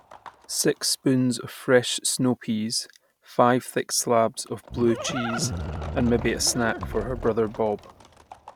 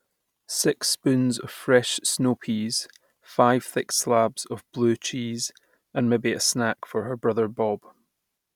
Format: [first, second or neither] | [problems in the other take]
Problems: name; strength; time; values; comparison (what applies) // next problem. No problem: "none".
second | background sound (Livestock, farm animals, working animals); 12 dB below the speech